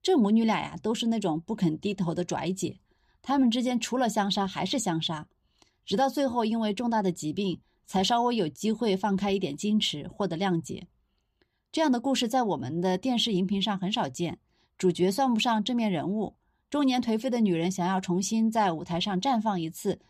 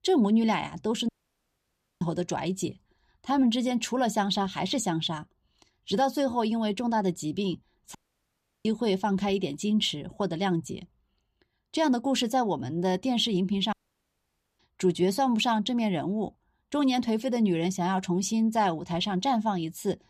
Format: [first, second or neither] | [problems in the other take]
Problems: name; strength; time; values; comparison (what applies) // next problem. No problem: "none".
first | audio cutting out; at 1 s for 1 s, at 8 s for 0.5 s and at 14 s for 1 s